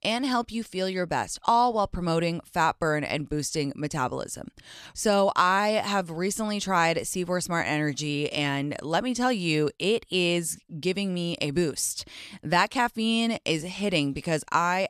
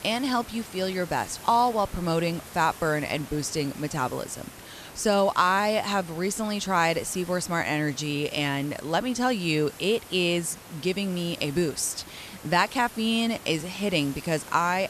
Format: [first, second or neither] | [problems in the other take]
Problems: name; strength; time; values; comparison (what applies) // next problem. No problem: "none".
first | hiss; noticeable; throughout; 15 dB below the speech